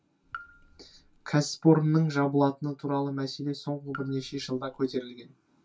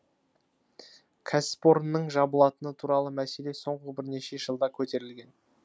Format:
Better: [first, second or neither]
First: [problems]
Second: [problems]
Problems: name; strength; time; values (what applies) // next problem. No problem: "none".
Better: second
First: background sound (Raindrop / Drip); 20 dB below the speech // room echo; dies away in 0.1 s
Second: none